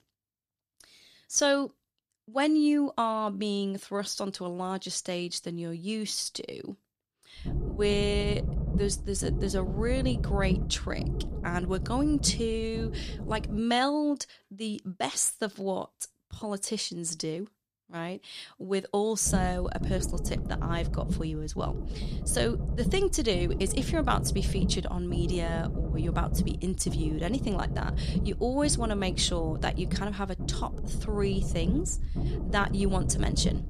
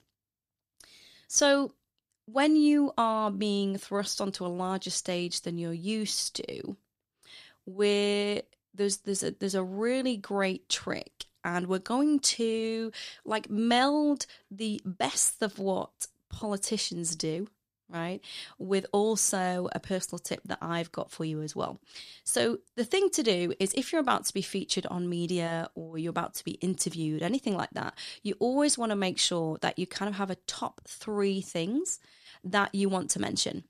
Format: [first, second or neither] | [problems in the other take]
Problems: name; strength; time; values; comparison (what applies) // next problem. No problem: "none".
second | low rumble; noticeable; from 7.5 to 14 s and from 19 s on; 10 dB below the speech